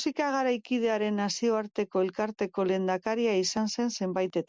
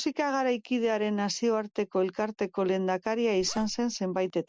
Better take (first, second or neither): first